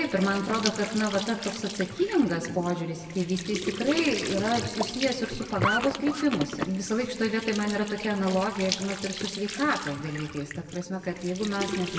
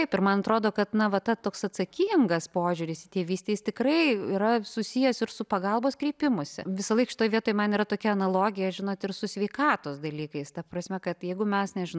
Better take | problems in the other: second | background sound (Squeak / Trickle, dribble / Sink (filling or washing)); 7 dB below the speech // room echo; dies away in 1.5 s

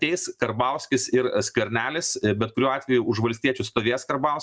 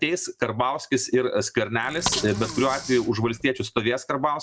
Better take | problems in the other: first | background sound (Bicycle); 9 dB below the speech

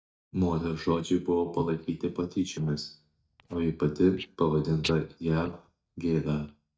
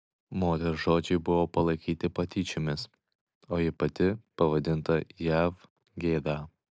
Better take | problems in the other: second | noise reduction (neural mask model DeepFilterNet 3)

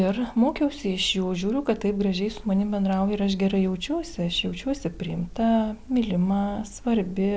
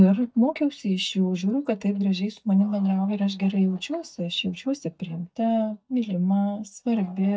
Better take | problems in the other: first | noise reduction (neural mask model DeepFilterNet 3)

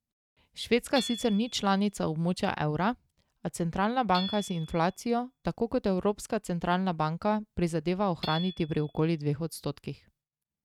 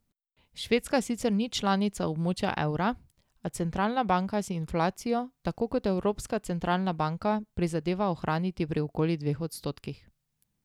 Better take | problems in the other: second | noise reduction (neural mask model RNNoise)

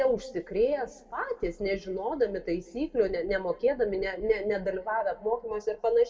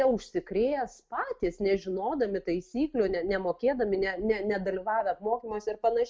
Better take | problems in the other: second | room echo; dies away in 1.1 s

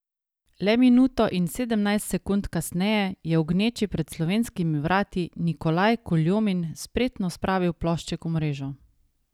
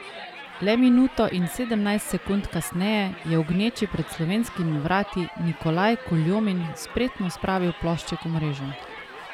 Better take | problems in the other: first | background sound (Crowd); 15 dB below the speech

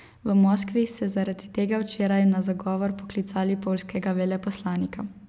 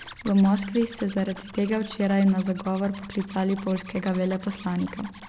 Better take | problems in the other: first | background sound (Zipper (clothing)); 19 dB below the speech

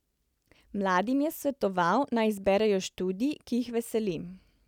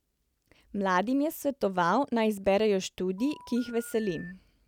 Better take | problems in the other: first | background sound (Telephone); 20 dB below the speech

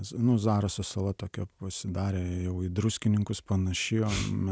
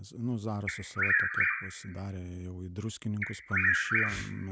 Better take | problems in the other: first | background sound (Bird vocalization, bird call, bird song); 4 dB above the speech

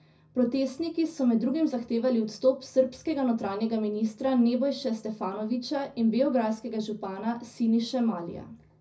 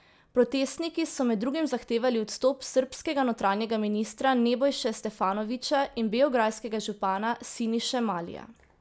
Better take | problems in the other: second | room echo; dies away in 0.4 s

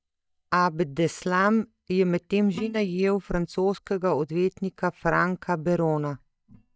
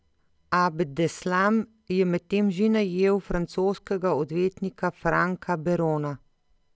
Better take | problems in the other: second | noise reduction (neural mask model DeepFilterNet 3)

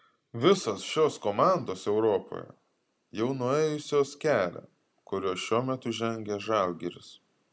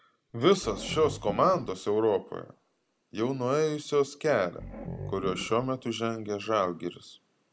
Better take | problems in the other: first | background sound (Growling); 14 dB below the speech

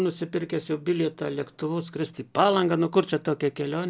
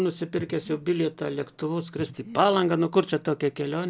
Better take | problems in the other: first | background sound (Breathing); 16 dB below the speech

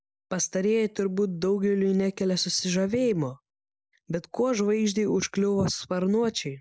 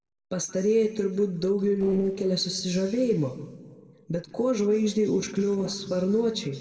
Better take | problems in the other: first | noise reduction (neural separator model SepFormer DNS4)

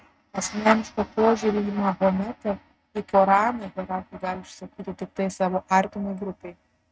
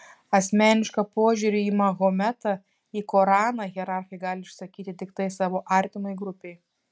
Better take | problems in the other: second | noise reduction (neural mask model RNNoise)

